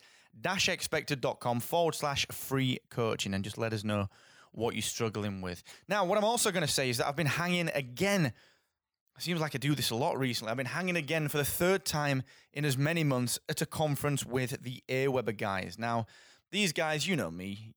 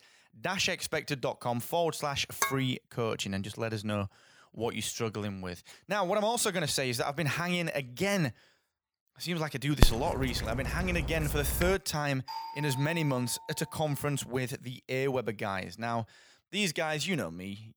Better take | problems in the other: first | clattering dishes; noticeable; at 2.5 s; peak 1 dB below the speech // dog barking; loud; from 10 to 12 s; peak 4 dB above the speech // doorbell; noticeable; from 12 to 14 s; peak 8 dB below the speech

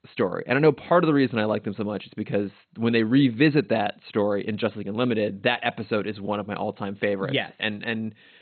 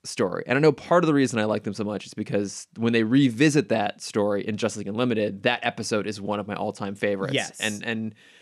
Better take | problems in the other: second | garbled, watery; badly; nothing above 4 kHz

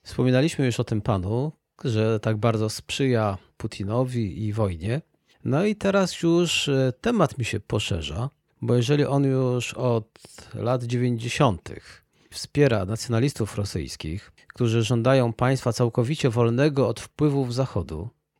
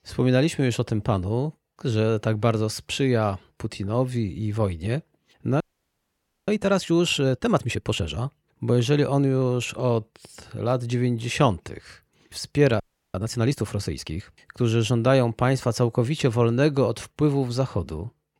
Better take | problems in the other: first | audio freezing; at 5.5 s for 1 s and at 13 s

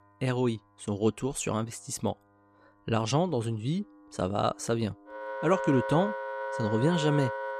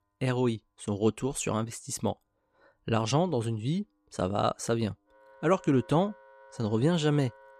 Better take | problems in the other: second | background music; loud; throughout; 5 dB below the speech; faint in the second

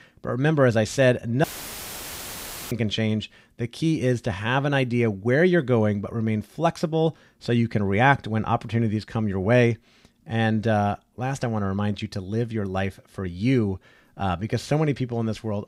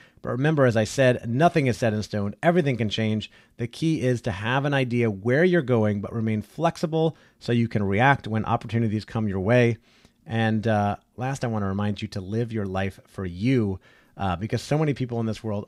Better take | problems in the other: second | audio cutting out; filled with static; at 1.5 s for 1.5 s

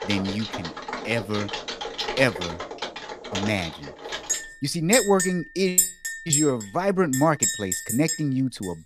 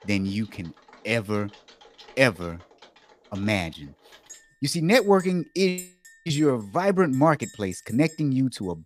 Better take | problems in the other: second | household noises; loud; throughout; 2 dB below the speech; faint in the second

